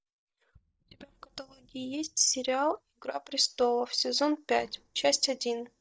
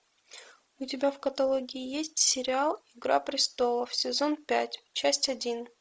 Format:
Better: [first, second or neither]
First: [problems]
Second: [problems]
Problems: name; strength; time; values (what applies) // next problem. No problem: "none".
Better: second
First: noise reduction (neural mask model DeepFilterNet 3)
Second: none